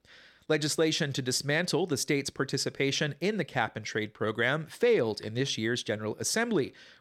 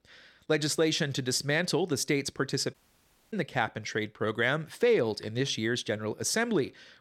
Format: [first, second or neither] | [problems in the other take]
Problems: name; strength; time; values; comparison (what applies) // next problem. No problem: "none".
first | audio cutting out; at 2.5 s for 0.5 s